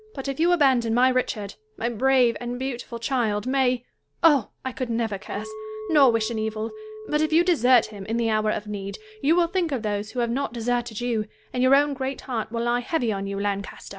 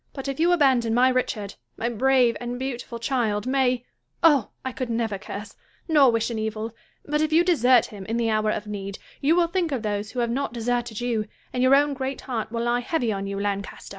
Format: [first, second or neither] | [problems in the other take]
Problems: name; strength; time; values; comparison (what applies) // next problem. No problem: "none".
second | background sound (Chink, clink); 19 dB below the speech